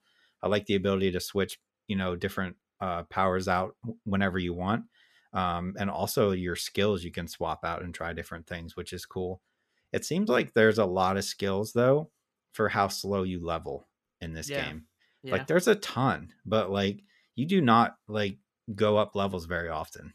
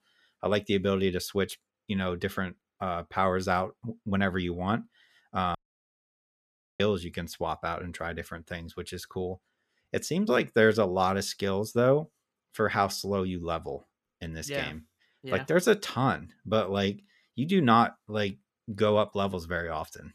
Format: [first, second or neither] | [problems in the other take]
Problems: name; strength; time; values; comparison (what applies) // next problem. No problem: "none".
first | audio cutting out; at 5.5 s for 1.5 s